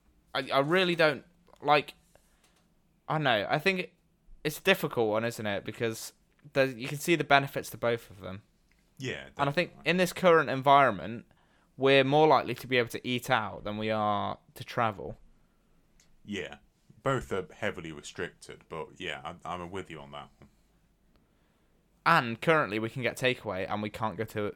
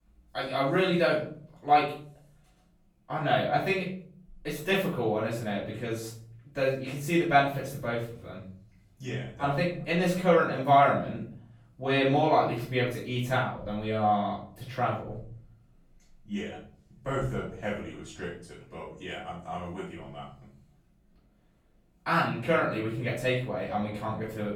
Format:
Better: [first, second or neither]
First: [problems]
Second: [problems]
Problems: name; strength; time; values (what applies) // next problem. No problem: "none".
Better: first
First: none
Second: off-mic speech; far // room echo; noticeable; dies away in 0.6 s